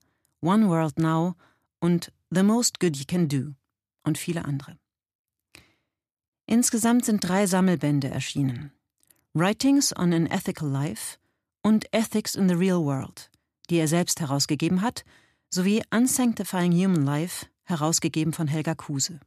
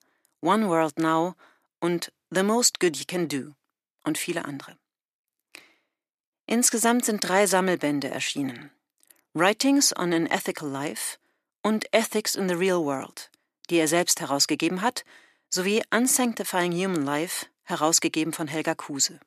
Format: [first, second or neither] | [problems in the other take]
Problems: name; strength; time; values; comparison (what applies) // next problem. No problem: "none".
first | thin; somewhat; fading below 400 Hz